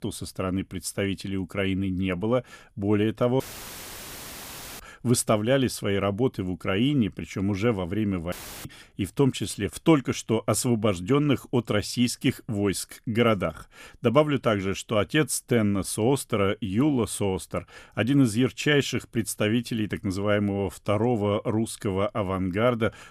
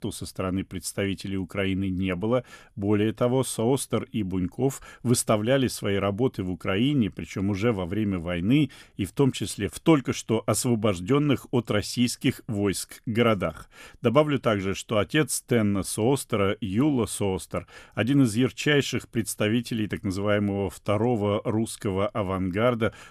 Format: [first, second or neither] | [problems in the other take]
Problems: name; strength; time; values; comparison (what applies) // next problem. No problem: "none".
second | audio cutting out; filled with static; at 3.5 s for 1.5 s and at 8.5 s